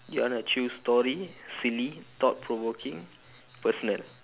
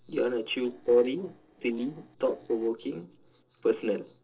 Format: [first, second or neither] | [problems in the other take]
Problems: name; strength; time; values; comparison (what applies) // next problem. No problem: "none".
first | noise reduction (neural separator model SepFormer DNS4)